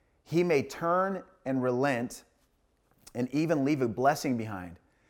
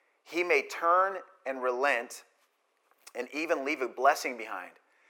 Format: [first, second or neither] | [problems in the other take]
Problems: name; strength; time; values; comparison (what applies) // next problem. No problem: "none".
first | thin; very; fading below 400 Hz